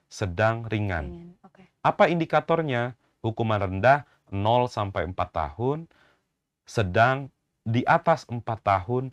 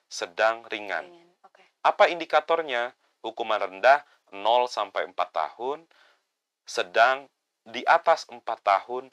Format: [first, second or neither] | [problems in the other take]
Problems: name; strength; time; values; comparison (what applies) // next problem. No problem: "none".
first | thin; very; fading below 450 Hz